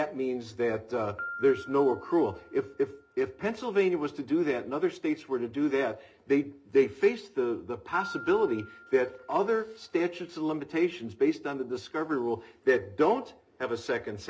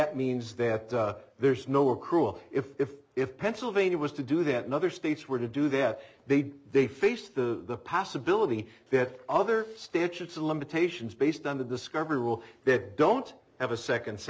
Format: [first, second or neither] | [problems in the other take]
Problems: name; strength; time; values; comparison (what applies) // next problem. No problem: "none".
second | background sound (Piano); 20 dB below the speech // room echo; dies away in 0.3 s